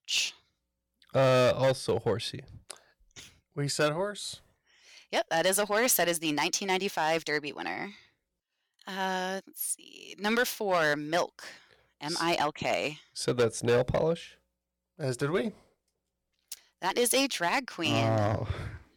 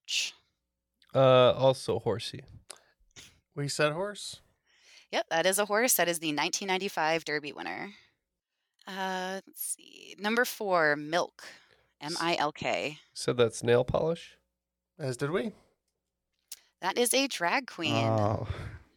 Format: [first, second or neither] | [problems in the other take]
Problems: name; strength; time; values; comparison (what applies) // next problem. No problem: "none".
second | distortion; slight; 4% of the sound clipped